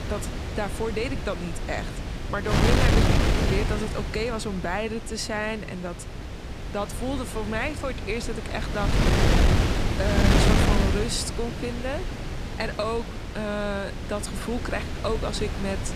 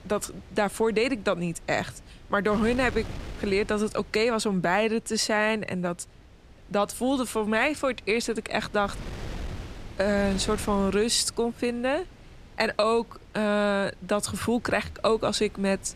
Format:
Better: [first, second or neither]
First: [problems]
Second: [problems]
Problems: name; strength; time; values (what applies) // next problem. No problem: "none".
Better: second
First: wind noise on the microphone; heavy; as loud as the speech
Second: wind noise on the microphone; occasional gusts; 20 dB below the speech